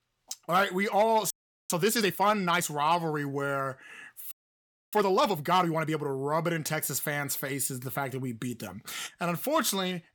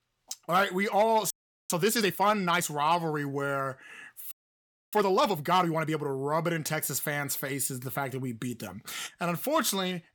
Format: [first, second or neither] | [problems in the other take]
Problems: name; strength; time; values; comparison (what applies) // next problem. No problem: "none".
neither | audio freezing; at 1.5 s and at 4.5 s for 0.5 s; the same in both